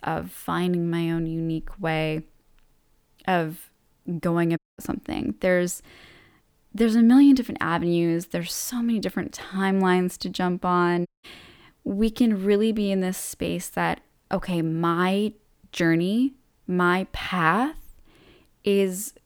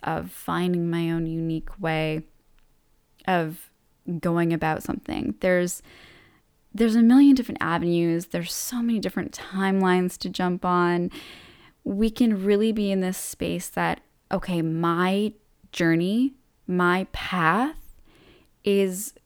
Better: second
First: audio cutting out; at 4.5 s and at 11 s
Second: none

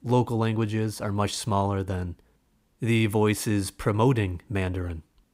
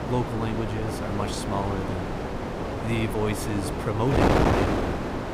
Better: first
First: none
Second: wind noise on the microphone; heavy; 4 dB above the speech

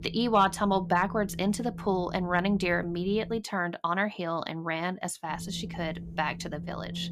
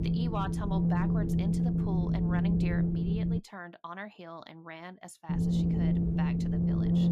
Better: first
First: wind noise on the microphone; occasional gusts; until 3.5 s and from 5.5 s on; 20 dB below the speech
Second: wind noise on the microphone; heavy; until 3.5 s and from 5.5 s on; 4 dB above the speech

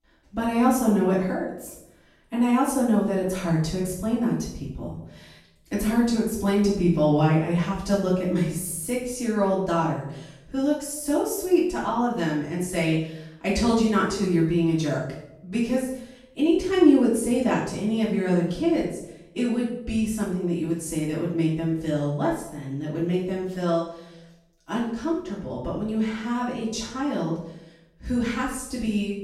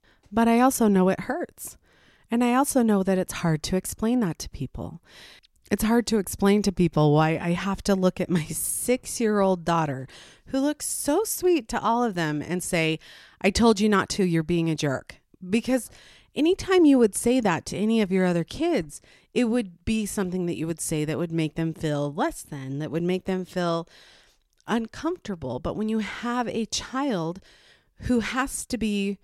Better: second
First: room echo; noticeable; dies away in 0.6 s // off-mic speech; far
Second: none

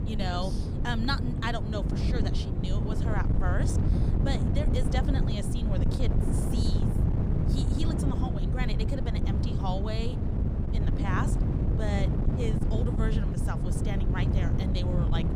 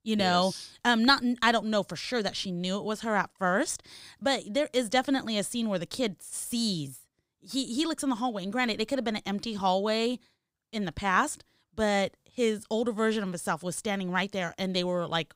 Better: second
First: wind noise on the microphone; heavy; 2 dB below the speech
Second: none

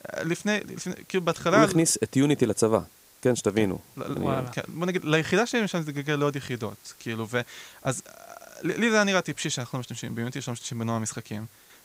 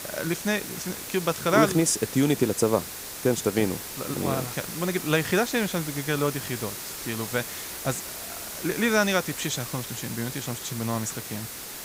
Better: first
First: hiss; faint; throughout; 25 dB below the speech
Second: hiss; loud; throughout; 7 dB below the speech

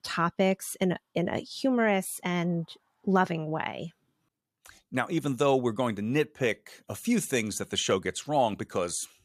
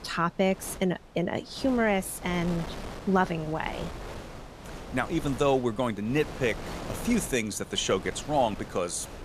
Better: first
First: none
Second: wind noise on the microphone; occasional gusts; 15 dB below the speech

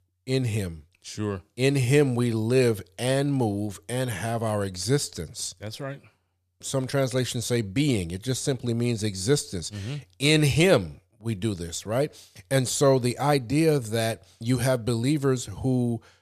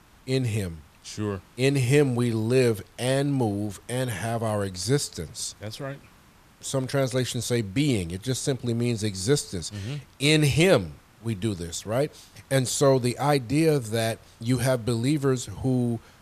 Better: first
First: none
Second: hiss; faint; throughout; 30 dB below the speech

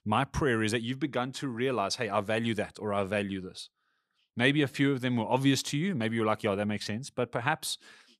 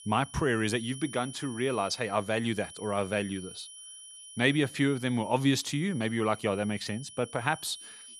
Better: first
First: none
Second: high-pitched whine; noticeable; throughout; 10 kHz, 15 dB below the speech

